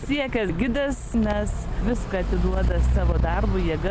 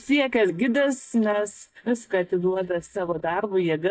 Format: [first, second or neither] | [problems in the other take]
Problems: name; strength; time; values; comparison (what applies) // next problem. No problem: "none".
first | noise reduction (neural mask model DeepFilterNet 3)